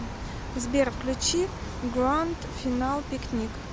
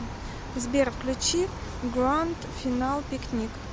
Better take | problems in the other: second | background sound (Water); 14 dB below the speech

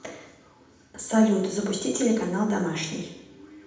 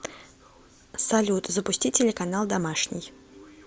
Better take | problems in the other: second | room echo; dies away in 0.8 s

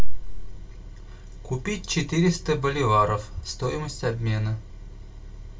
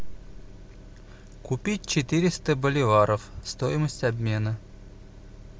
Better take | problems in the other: second | room echo; dies away in 0.2 s

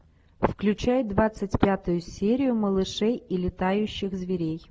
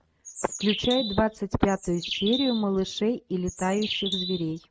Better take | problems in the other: first | noise reduction (neural mask model RNNoise)

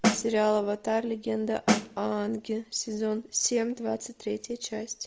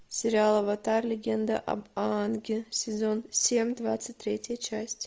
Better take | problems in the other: second | background sound (Snare drum); 1 dB below the speech

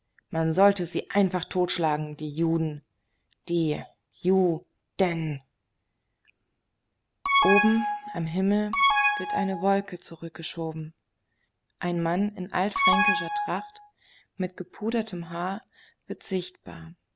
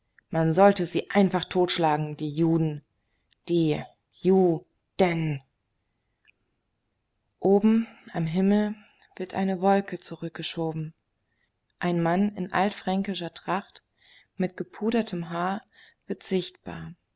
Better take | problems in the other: second | background sound (Alarm); 3 dB above the speech

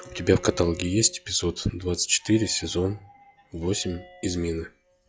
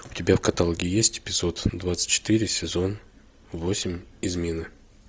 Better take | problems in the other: second | noise reduction (classical method log-MMSE)

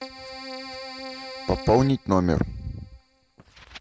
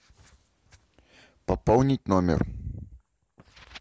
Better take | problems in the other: second | background sound (Keyboard (musical)); 13 dB below the speech

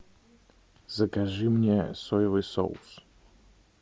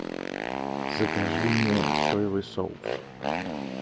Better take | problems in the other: first | background sound (Motorcycle); 1 dB above the speech

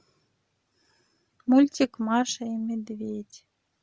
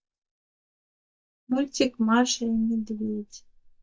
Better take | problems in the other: first | noise reduction (neural mask model DeepFilterNet 3)

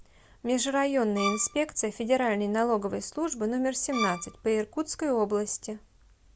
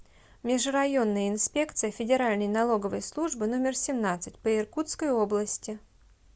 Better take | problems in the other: second | background sound (Bowed string instrument); 6 dB below the speech

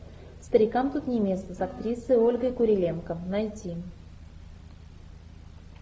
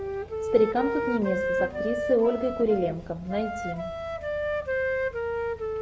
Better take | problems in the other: first | background sound (Wind instrument, woodwind instrument); 1 dB below the speech

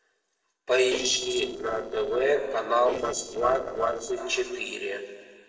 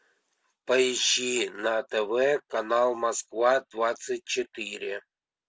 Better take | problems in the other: second | noise reduction (neural separator model SepFormer DNS4)

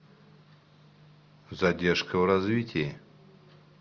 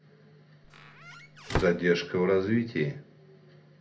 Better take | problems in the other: first | background sound (Squeak / Slam / Wood); 6 dB below the speech // room echo; dies away in 0.3 s

